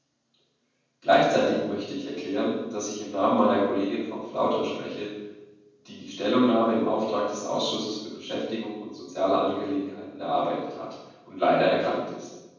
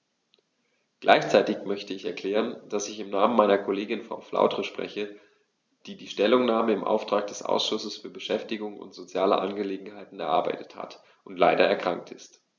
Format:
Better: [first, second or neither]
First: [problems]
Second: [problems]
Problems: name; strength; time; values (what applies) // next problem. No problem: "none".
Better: second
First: room echo; dies away in 1.2 s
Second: none